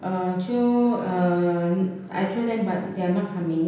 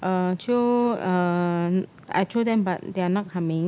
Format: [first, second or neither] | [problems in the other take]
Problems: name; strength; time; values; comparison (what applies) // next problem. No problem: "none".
second | room echo; dies away in 0.9 s